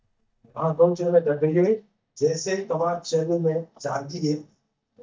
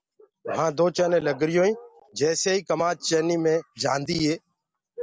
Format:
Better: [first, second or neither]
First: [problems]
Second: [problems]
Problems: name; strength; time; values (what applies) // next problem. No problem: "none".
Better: second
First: noise reduction (neural mask model DeepFilterNet 3)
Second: none